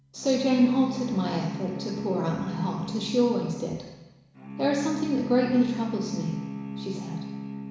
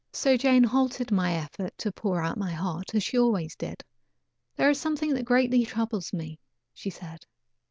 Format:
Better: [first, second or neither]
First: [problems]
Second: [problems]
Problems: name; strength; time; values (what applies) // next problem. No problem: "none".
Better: second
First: background sound (Bowed string instrument); 8 dB below the speech // room echo; dies away in 1 s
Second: none